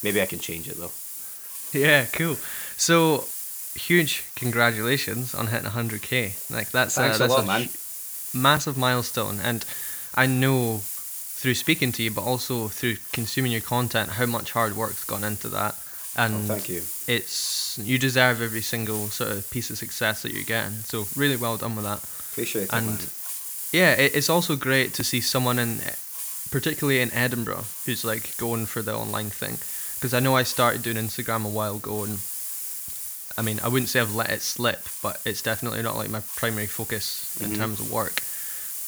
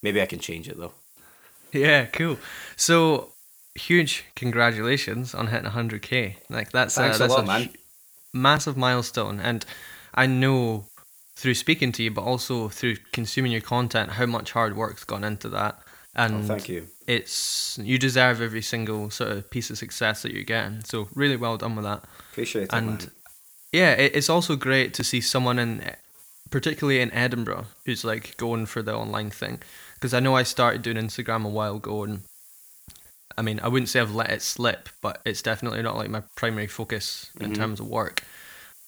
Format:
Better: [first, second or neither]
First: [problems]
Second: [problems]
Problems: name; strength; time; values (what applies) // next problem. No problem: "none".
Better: second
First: hiss; loud; throughout; 6 dB below the speech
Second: hiss; faint; throughout; 25 dB below the speech